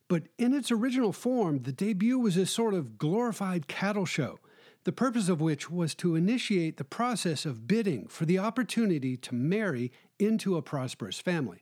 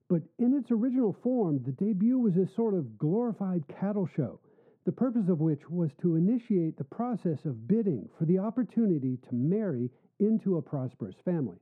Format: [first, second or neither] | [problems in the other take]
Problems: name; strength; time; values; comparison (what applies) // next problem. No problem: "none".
first | muffled; very; fading above 1.5 kHz